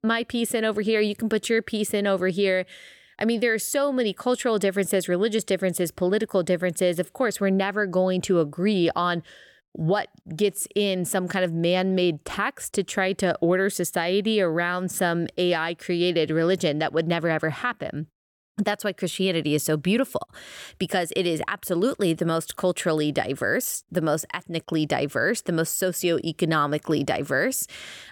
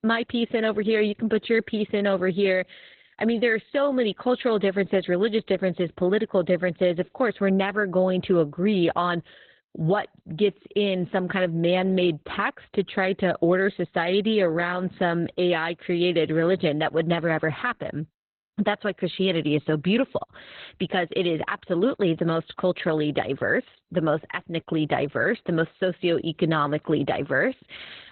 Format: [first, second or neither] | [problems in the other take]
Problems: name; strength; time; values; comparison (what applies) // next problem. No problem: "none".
first | garbled, watery; badly; nothing above 4 kHz